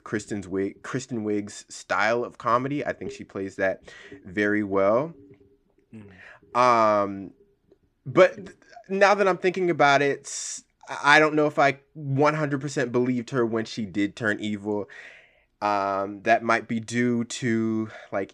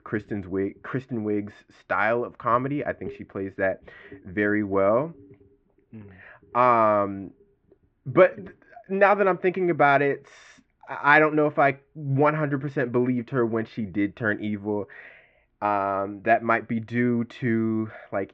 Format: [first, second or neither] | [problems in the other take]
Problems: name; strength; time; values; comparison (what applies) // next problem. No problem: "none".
first | muffled; very; fading above 2.5 kHz